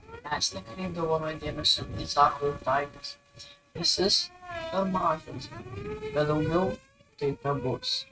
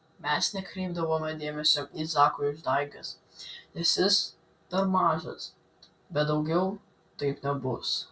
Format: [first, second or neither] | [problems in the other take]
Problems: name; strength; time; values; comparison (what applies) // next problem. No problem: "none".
second | noise reduction (neural mask model RNNoise)